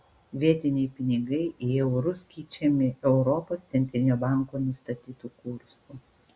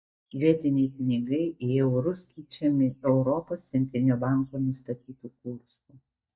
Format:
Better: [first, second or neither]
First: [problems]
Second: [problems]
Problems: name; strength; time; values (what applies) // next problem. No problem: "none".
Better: first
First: none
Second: noise reduction (neural mask model DeepFilterNet 3)